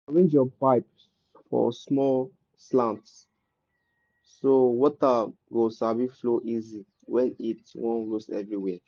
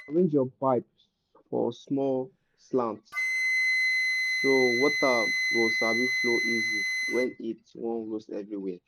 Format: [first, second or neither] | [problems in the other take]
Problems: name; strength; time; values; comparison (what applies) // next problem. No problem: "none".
first | background sound (Wind instrument, woodwind instrument); as loud as the speech